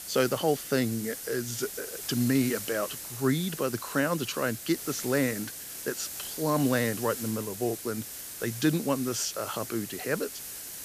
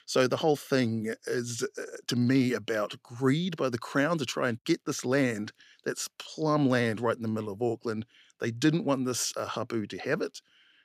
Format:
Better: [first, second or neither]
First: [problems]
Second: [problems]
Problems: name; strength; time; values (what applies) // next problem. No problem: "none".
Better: second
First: hiss; loud; throughout; 7 dB below the speech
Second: none